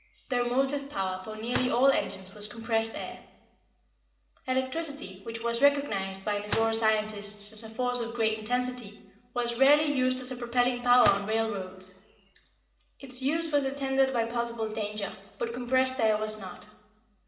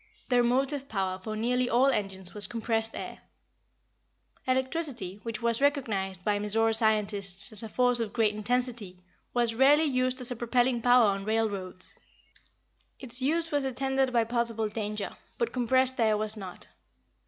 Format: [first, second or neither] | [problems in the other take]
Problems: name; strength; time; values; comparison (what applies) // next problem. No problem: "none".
second | background sound (Gunshot, gunfire); 15 dB below the speech // room echo; dies away in 1 s